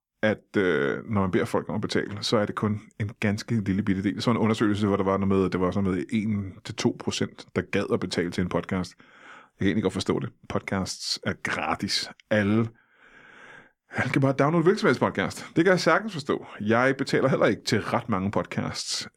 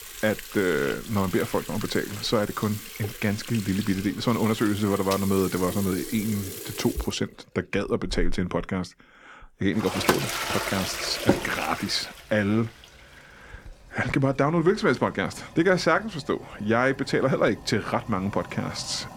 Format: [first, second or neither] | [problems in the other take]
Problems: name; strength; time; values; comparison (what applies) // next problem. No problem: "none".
first | household noises; loud; throughout; 7 dB below the speech